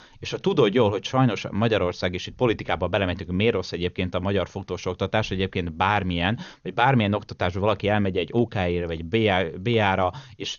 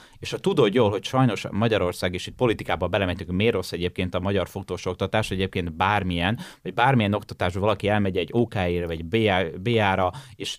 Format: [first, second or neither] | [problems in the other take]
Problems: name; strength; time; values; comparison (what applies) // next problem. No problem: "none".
second | garbled, watery; slightly; nothing above 6.5 kHz